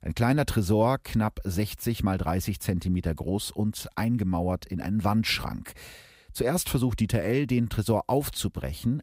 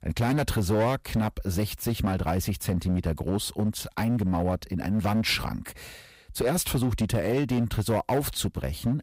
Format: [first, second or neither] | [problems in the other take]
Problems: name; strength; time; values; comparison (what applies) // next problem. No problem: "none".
first | distortion; slight; 10% of the sound clipped